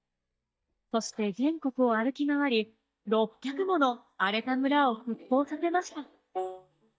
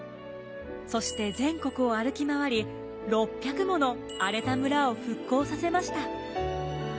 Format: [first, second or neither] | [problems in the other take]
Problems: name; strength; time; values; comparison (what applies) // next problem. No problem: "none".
second | noise reduction (neural mask model DeepFilterNet 3)